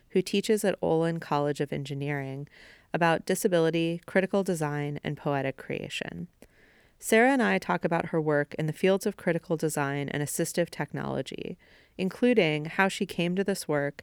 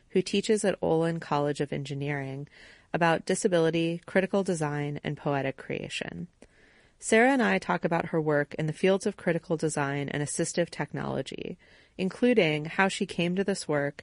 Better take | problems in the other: first | garbled, watery; slightly; nothing above 10.5 kHz

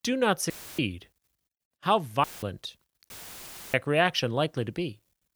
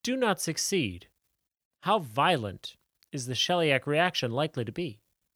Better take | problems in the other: second | audio cutting out; filled with static; at 0.5 s, at 2 s and at 3 s for 0.5 s

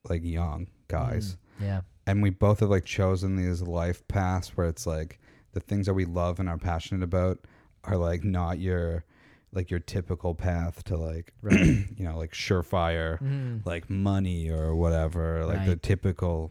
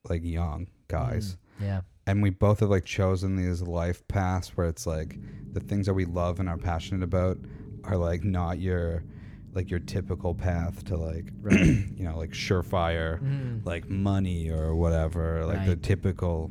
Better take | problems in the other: first | low rumble; noticeable; from 5 s on; 20 dB below the speech

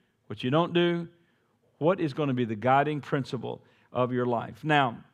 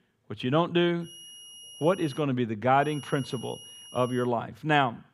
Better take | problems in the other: first | high-pitched whine; noticeable; from 1 to 2 s and from 3 to 4.5 s; 3 kHz, 15 dB below the speech

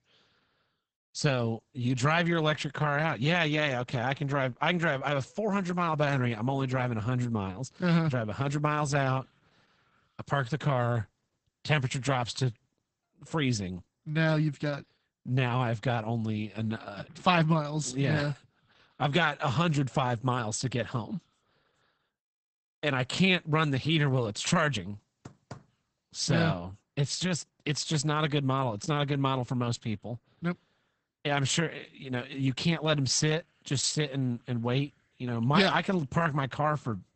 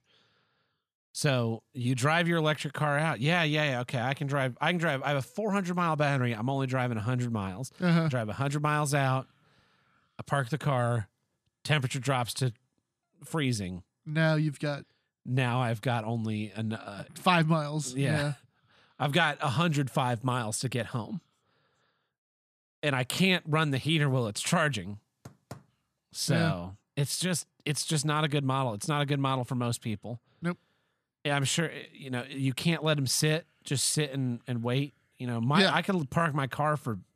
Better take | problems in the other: second | garbled, watery; badly; nothing above 8 kHz

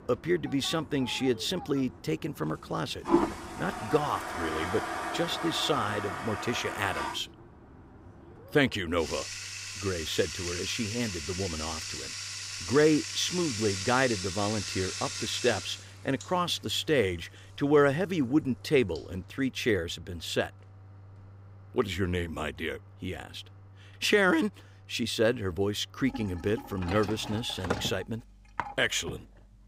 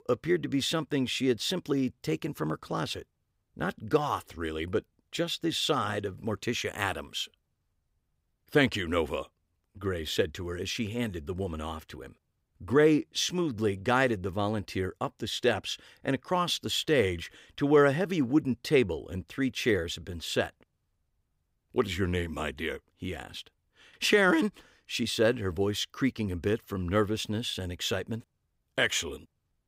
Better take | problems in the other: second | household noises; loud; throughout; 6 dB below the speech

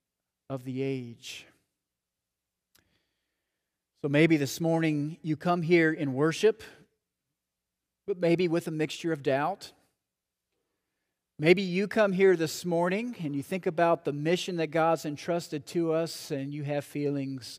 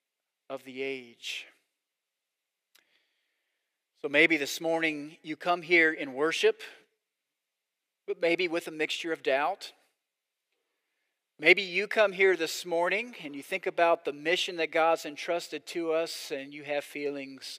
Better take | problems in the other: first | thin; somewhat; fading below 500 Hz

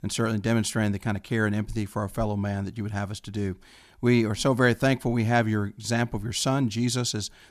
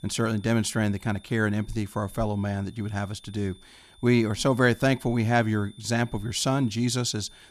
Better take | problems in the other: first | high-pitched whine; faint; throughout; 3.5 kHz, 25 dB below the speech

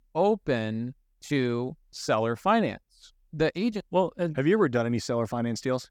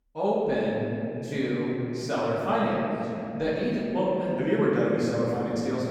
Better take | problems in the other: first | off-mic speech; far // room echo; strong; dies away in 3 s

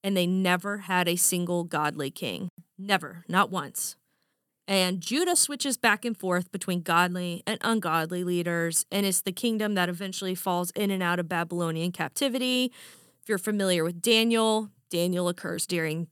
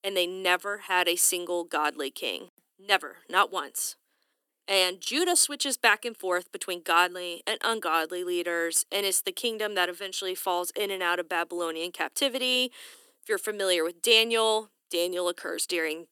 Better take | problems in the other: first | thin; very; fading below 300 Hz

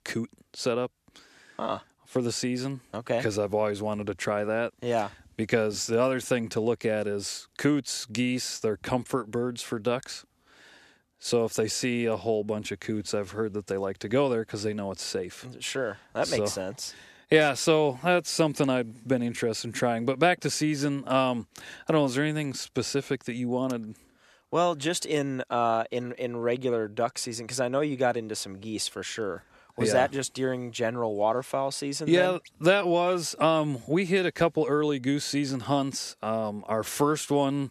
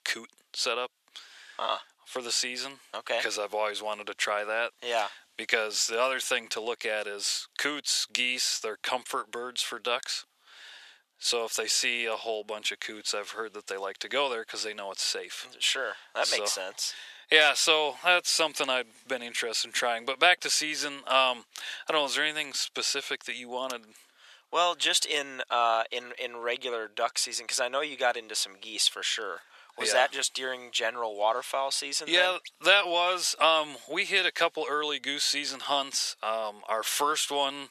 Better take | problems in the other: first | thin; very; fading below 800 Hz

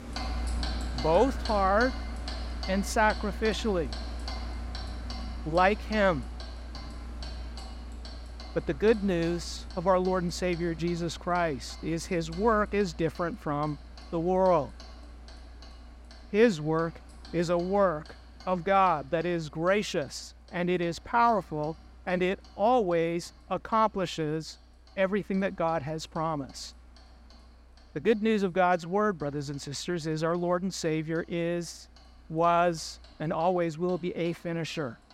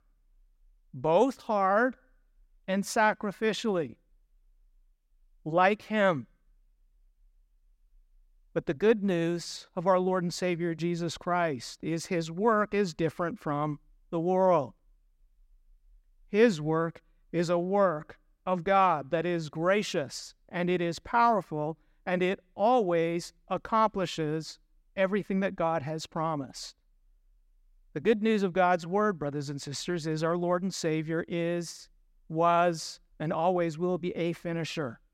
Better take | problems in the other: second | household noises; noticeable; throughout; 10 dB below the speech

